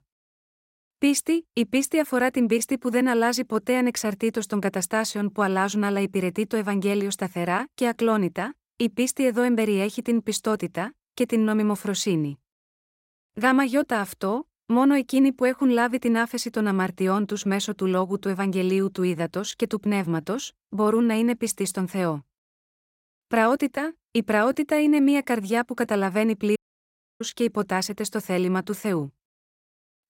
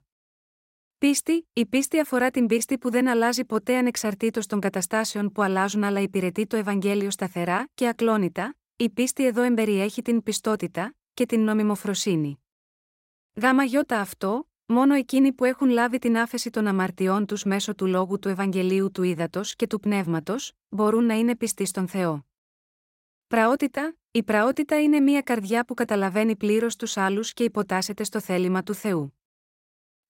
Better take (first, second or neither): second